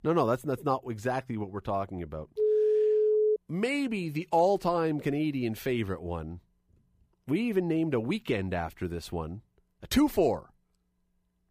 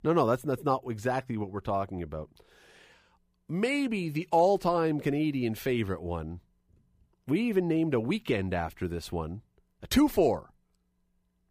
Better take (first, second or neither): second